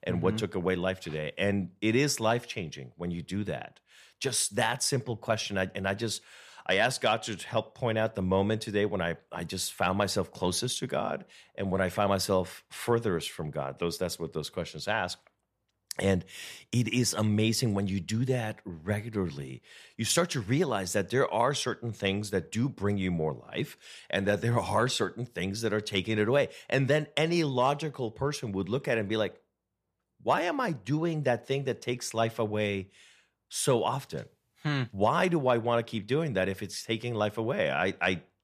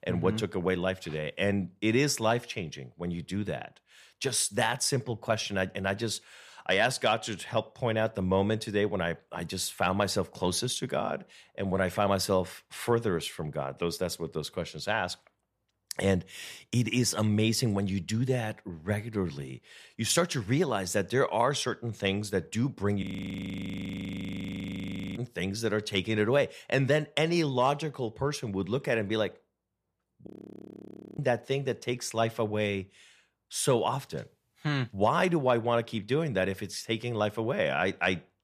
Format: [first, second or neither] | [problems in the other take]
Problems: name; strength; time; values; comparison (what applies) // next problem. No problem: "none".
first | audio freezing; at 23 s for 2 s and at 30 s for 1 s